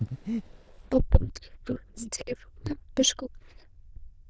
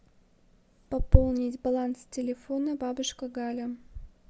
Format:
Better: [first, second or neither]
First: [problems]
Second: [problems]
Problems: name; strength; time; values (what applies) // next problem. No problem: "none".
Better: second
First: noise reduction (neural diffusion model UNIVERSE++)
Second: none